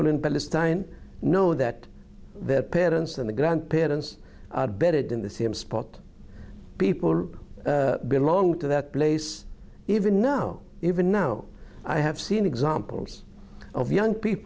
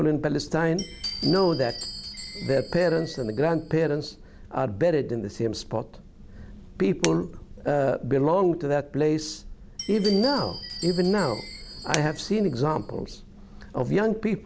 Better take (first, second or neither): first